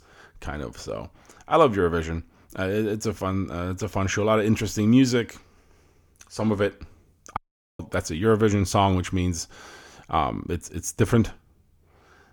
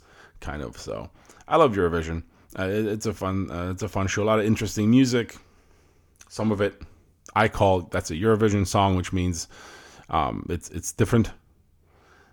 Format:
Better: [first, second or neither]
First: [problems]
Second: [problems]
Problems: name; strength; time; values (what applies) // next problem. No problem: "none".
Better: second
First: audio cutting out; at 7.5 s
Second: none